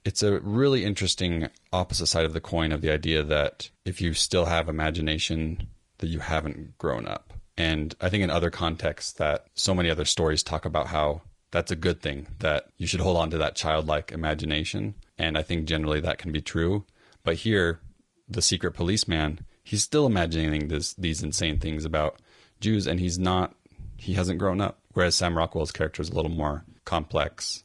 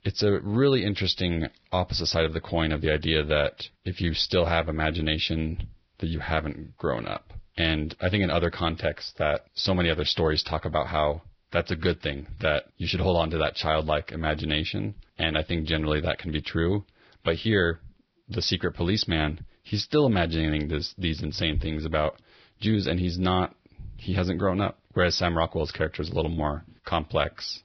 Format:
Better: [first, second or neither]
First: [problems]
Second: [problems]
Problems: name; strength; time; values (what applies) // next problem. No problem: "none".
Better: first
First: garbled, watery; slightly; nothing above 10.5 kHz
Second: garbled, watery; badly; nothing above 5.5 kHz